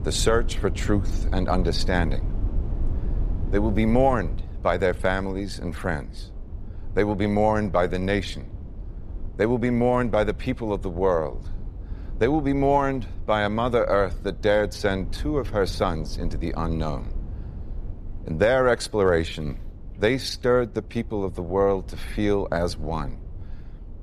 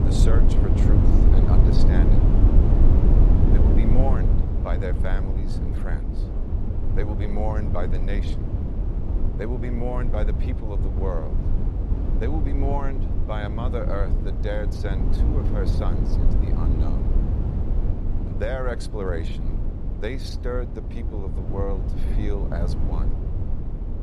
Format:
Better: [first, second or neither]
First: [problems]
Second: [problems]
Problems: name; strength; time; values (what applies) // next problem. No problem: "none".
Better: first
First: low rumble; faint; throughout; 25 dB below the speech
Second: low rumble; loud; throughout; 2 dB below the speech